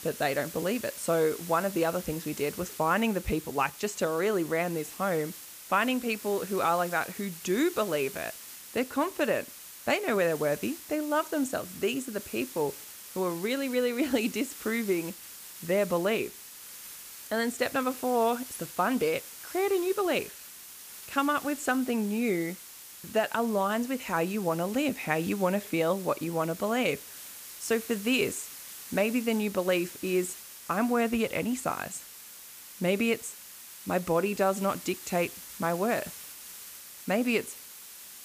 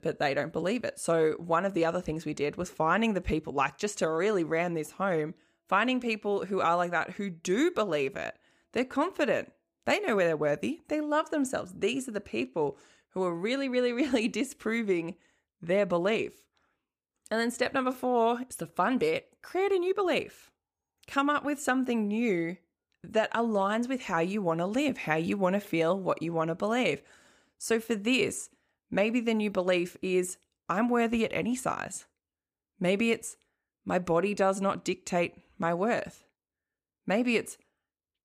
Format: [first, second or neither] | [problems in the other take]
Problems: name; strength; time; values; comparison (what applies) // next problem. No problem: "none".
second | hiss; noticeable; throughout; 15 dB below the speech